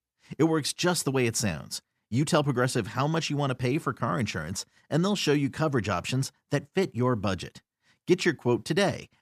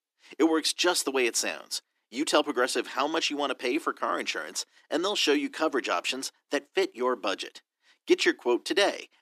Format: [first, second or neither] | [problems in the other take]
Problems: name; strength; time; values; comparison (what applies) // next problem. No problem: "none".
first | thin; somewhat; fading below 300 Hz